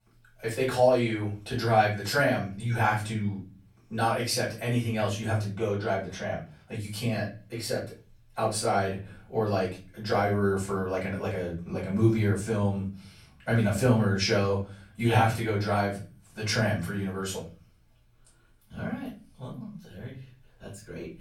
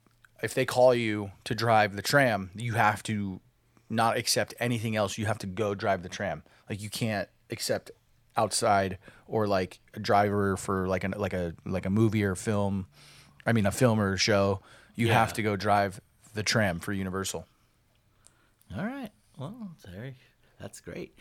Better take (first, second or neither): second